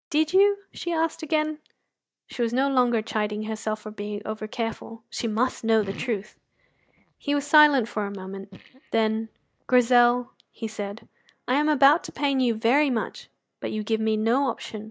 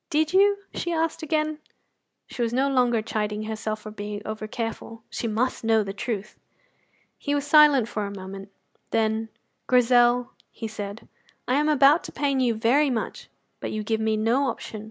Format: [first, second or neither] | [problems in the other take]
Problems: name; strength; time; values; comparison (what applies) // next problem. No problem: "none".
second | noise reduction (neural mask model DeepFilterNet 3)